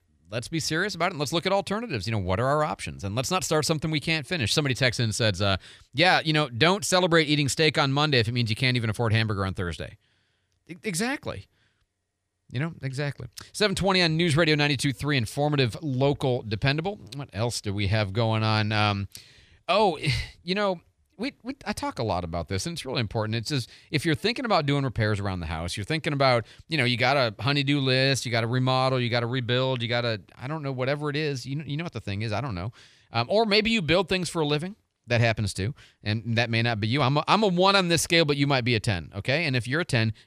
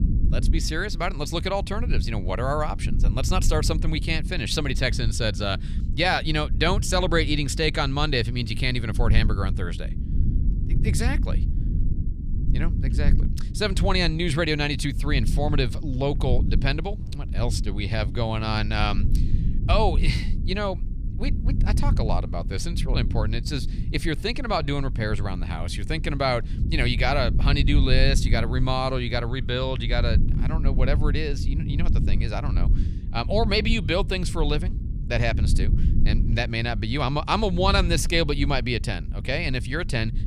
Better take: first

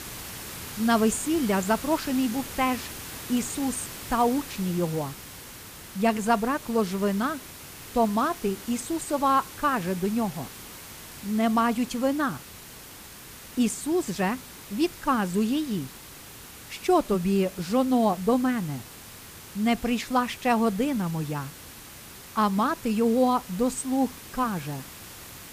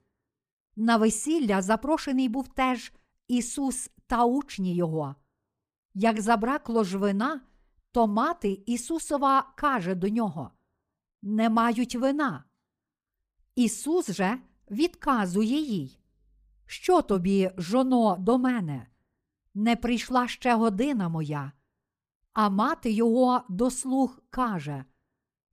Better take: second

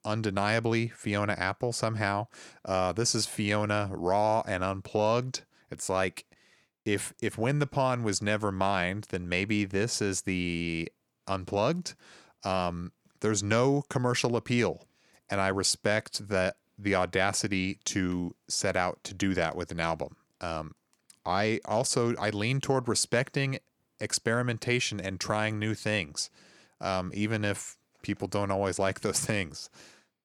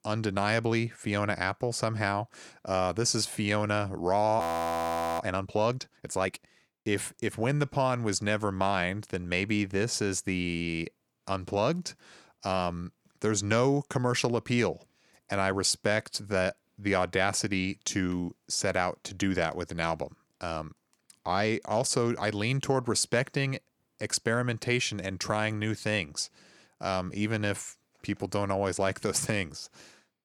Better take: first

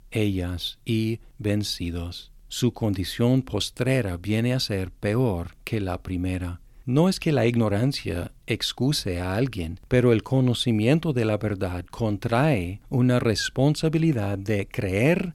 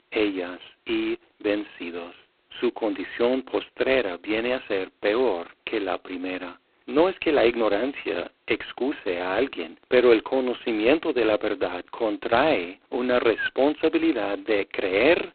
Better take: first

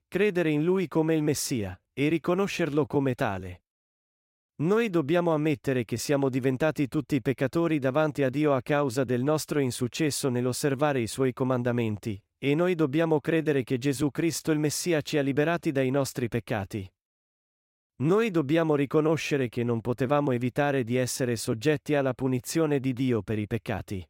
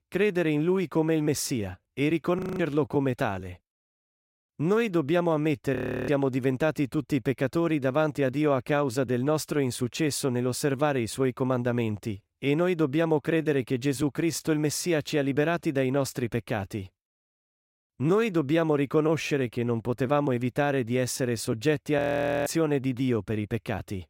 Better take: first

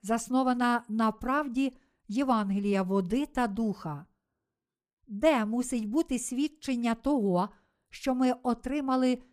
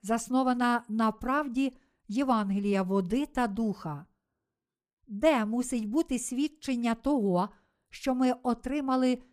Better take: neither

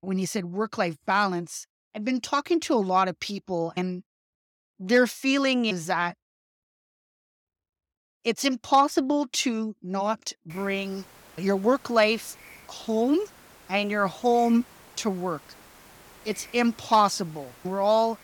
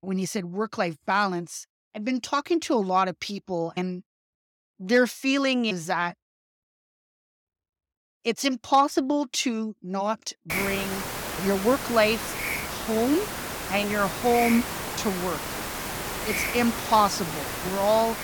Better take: first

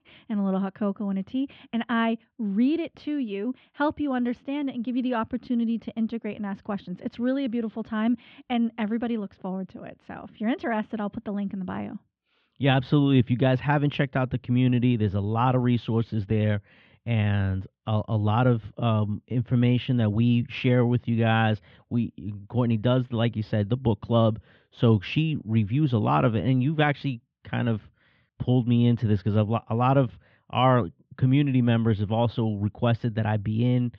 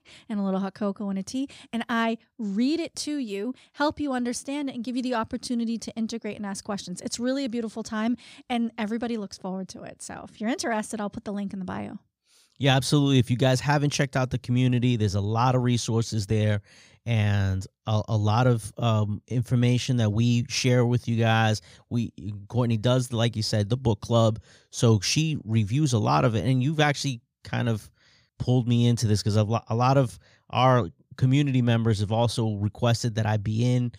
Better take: second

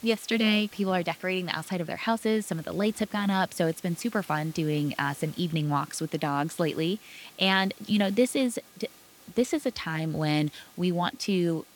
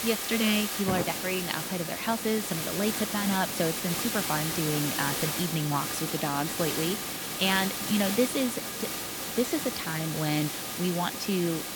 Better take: first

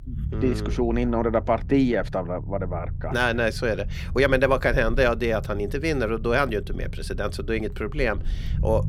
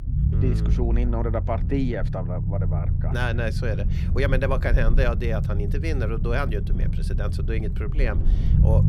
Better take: first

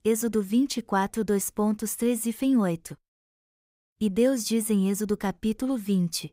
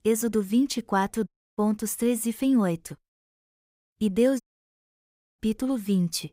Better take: first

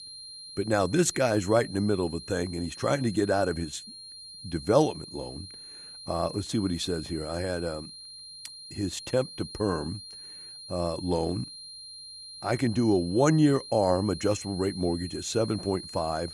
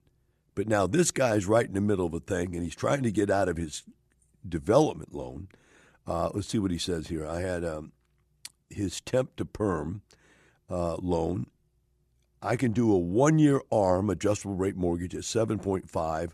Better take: second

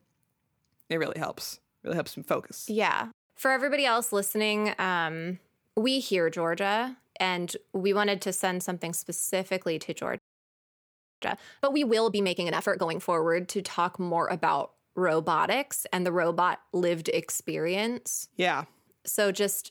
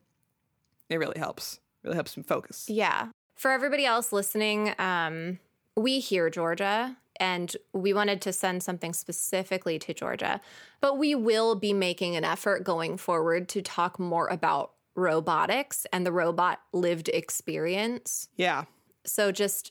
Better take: second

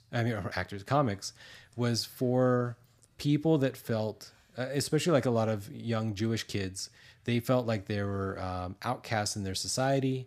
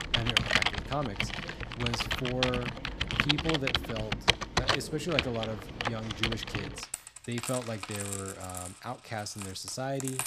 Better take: first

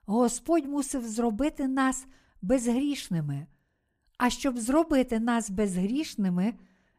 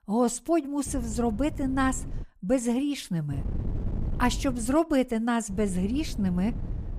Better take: first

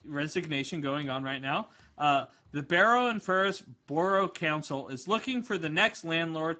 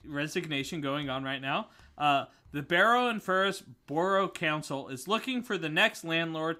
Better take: second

